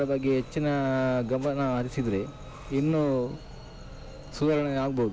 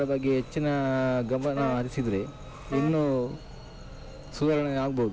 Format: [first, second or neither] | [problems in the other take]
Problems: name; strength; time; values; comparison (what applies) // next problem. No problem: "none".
first | background sound (Wind instrument, woodwind instrument); 12 dB below the speech